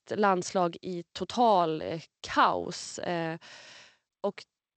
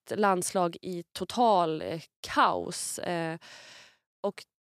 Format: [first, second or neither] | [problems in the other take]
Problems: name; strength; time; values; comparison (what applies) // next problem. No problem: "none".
second | garbled, watery; slightly; nothing above 8 kHz